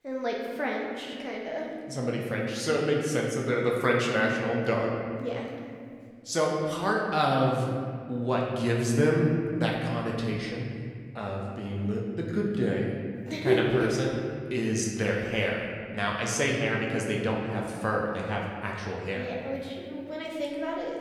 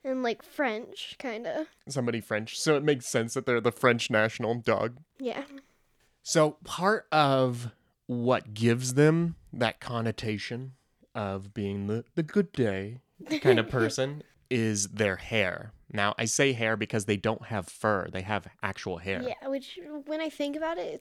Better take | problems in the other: second | room echo; noticeable; dies away in 2.1 s // off-mic speech; somewhat distant

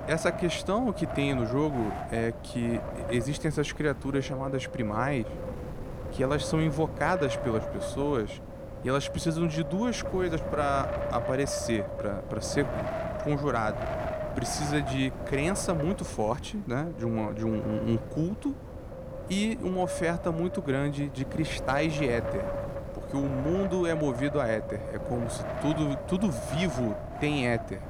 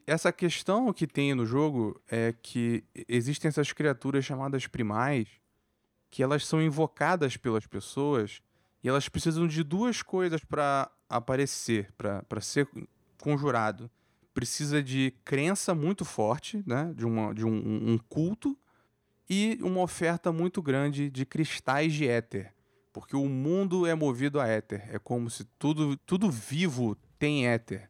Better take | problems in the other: second | wind noise on the microphone; heavy; 4 dB below the speech

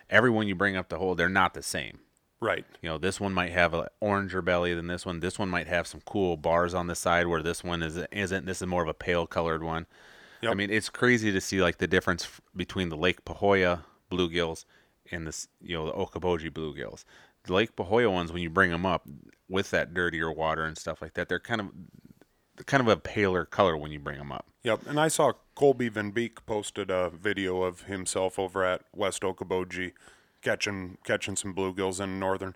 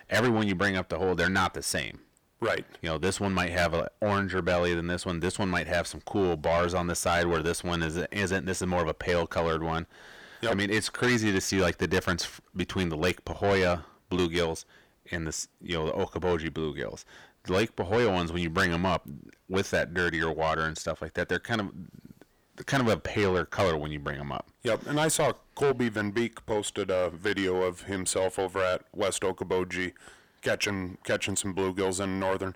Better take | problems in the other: first | distortion; heavy; 7 dB below the speech

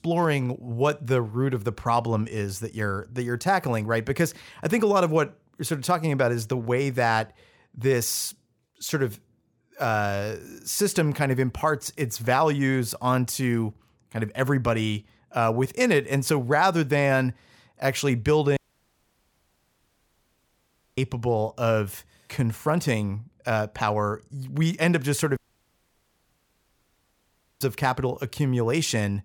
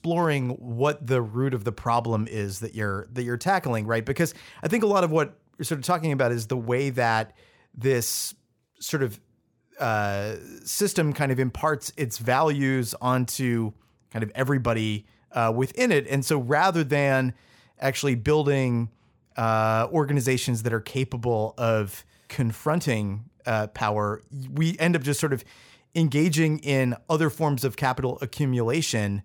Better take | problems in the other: second | audio cutting out; at 19 s for 2.5 s and at 25 s for 2 s

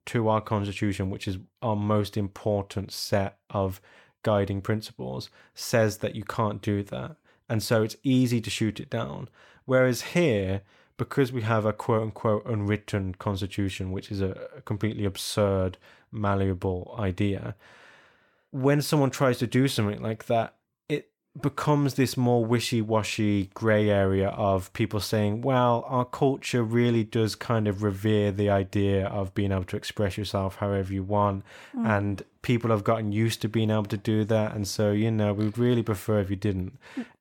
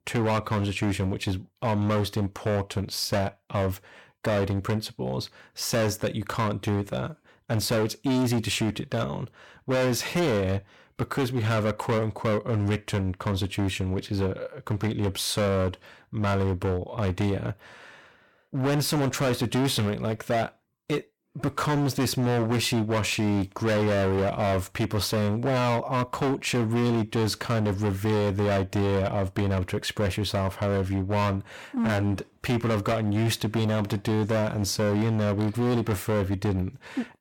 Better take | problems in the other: first | distortion; heavy; 21% of the sound clipped

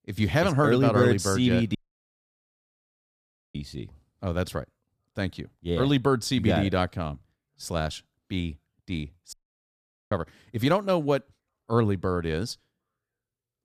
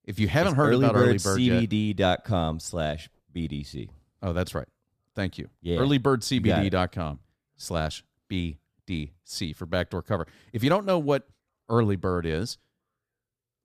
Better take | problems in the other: second | audio cutting out; at 2 s for 2 s and at 9.5 s for 1 s

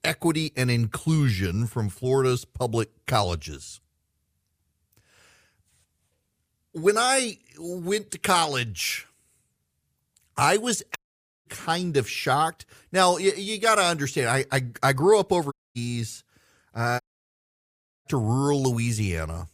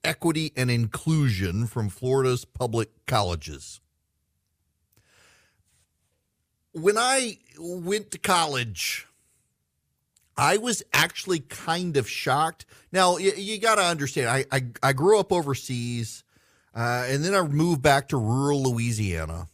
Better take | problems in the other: second | audio cutting out; at 11 s, at 16 s and at 17 s for 1 s

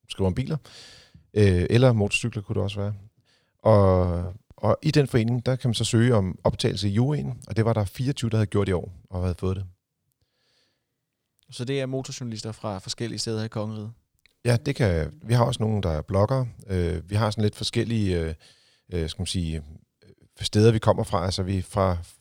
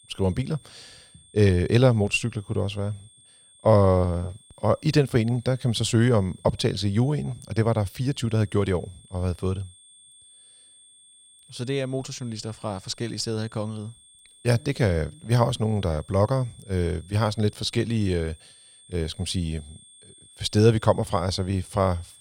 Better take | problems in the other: first | high-pitched whine; faint; throughout; 8.5 kHz, 25 dB below the speech

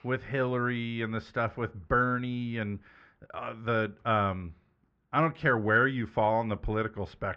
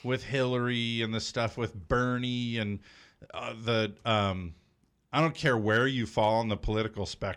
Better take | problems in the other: second | muffled; very; fading above 1.5 kHz

